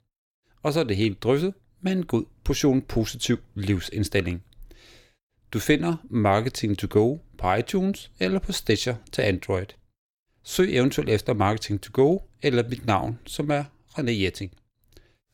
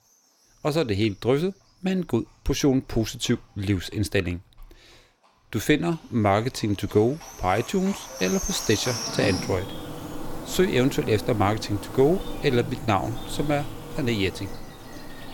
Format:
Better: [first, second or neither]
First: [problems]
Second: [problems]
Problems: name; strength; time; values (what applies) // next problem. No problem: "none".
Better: first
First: none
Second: animal sounds; loud; throughout; 9 dB below the speech